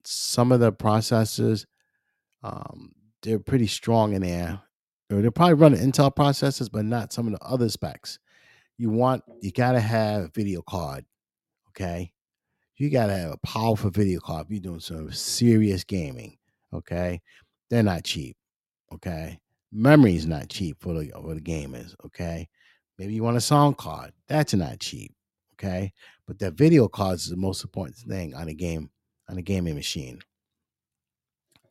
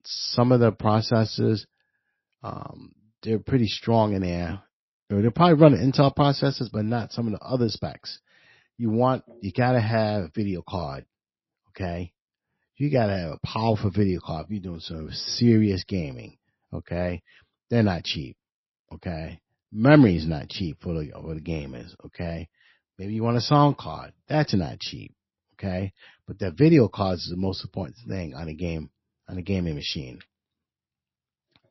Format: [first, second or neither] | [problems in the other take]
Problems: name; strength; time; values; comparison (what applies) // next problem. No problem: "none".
first | garbled, watery; slightly; nothing above 5.5 kHz